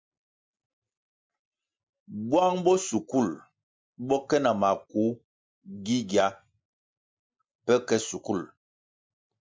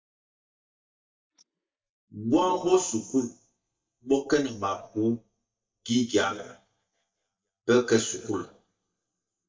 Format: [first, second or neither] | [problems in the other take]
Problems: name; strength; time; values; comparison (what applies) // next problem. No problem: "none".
first | noise reduction (neural mask model DeepFilterNet 3)